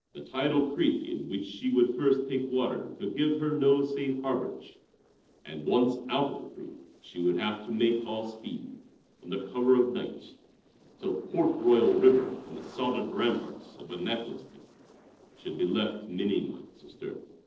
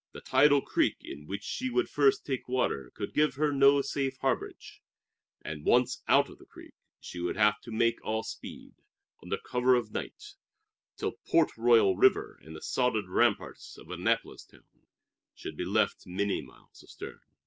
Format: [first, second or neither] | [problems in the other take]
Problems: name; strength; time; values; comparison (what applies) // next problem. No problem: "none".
second | noise reduction (neural separator model SepFormer DNS4)